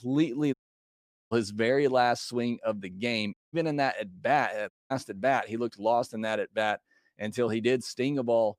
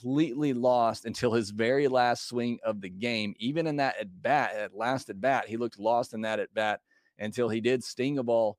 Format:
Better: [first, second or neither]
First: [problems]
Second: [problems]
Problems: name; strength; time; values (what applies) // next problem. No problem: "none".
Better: second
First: audio cutting out; at 0.5 s for 1 s, at 3.5 s and at 4.5 s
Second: none